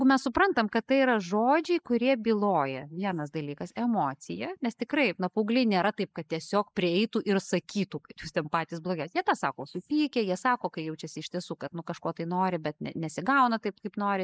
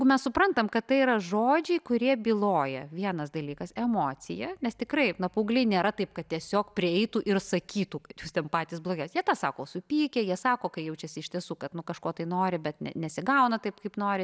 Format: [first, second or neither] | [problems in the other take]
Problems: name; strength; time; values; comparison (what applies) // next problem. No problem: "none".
second | noise reduction (neural mask model Resemble Enhance denoiser)